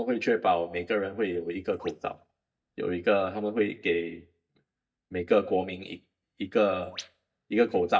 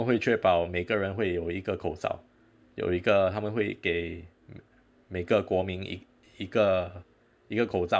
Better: second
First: noise reduction (neural mask model DeepFilterNet 3)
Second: none

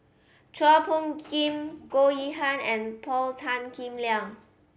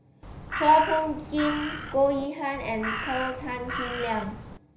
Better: first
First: none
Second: background sound (Crow); 8 dB below the speech // room echo; dies away in 0.5 s

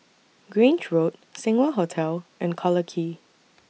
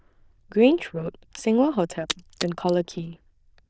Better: first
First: none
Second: noise reduction (neural diffusion model UNIVERSE++)

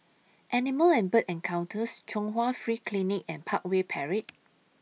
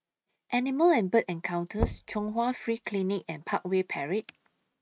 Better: first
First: none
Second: noise reduction (neural mask model RNNoise)

